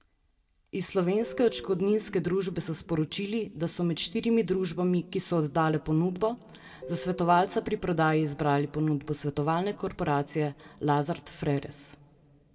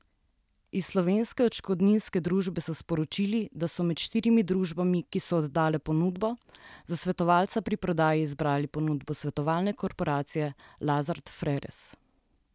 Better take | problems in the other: second | background sound (Guitar); 16 dB below the speech // room echo; dies away in 0.8 s

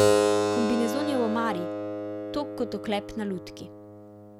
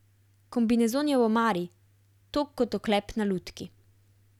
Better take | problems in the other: second | background sound (Keyboard (musical)); 3 dB above the speech

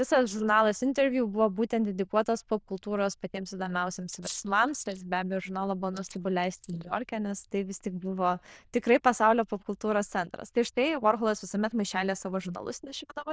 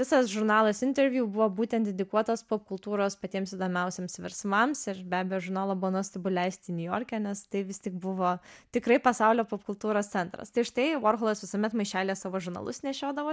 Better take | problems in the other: second | noise reduction (neural diffusion model UNIVERSE++)

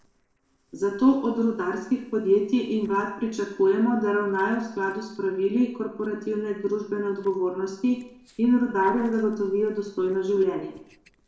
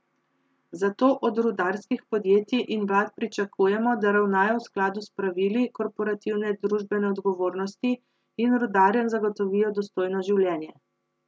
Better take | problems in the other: second | noise reduction (neural separator model SepFormer DNS4)

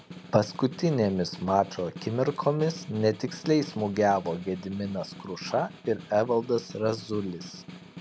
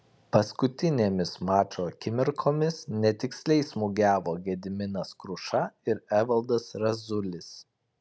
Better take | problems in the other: second | background sound (Snare drum); 16 dB below the speech

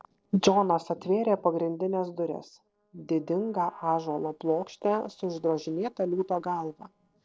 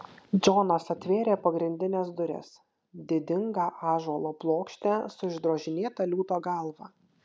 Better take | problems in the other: second | noise reduction (neural separator model SepFormer DNS4)

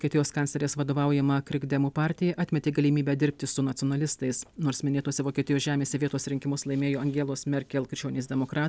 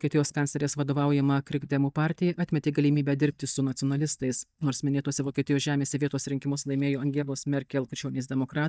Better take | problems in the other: first | noise reduction (neural mask model DeepFilterNet 3)

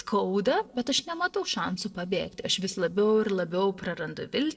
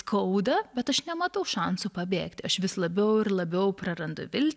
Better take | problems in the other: second | noise reduction (neural separator model SepFormer DNS4)

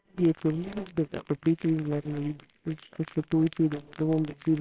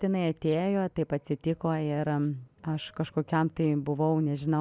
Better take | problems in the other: second | noise reduction (neural separator model SepFormer WHAMR!)

